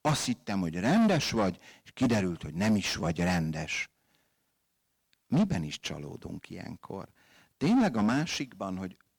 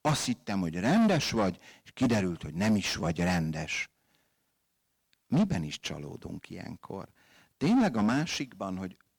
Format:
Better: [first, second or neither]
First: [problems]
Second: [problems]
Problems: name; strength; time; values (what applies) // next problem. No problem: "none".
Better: neither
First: distortion; heavy; 6 dB below the speech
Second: distortion; heavy; 6 dB below the speech